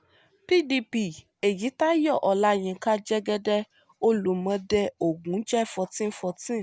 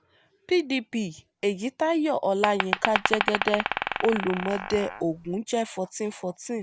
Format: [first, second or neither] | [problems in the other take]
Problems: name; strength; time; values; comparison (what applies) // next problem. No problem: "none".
first | background sound (Glass); 2 dB below the speech